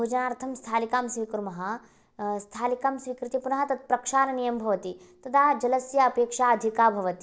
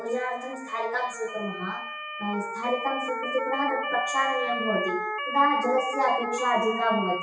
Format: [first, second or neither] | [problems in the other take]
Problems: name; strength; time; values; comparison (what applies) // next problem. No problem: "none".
first | noise reduction (classical method WPE with log-MMSE)